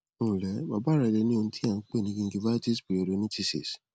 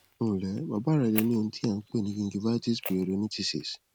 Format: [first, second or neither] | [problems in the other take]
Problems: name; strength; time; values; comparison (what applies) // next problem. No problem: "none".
first | background sound (Fire); 15 dB below the speech